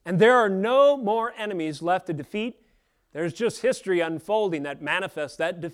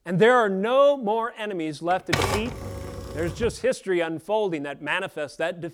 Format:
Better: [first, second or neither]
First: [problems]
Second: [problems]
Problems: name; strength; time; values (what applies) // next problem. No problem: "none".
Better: first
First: none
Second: keyboard typing; loud; from 2 to 3.5 s; peak level with the speech